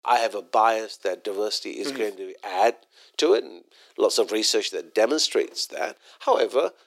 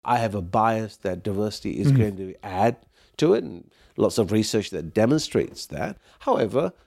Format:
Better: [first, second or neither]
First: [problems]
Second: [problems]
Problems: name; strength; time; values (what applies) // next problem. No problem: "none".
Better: second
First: thin; very; fading below 350 Hz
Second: none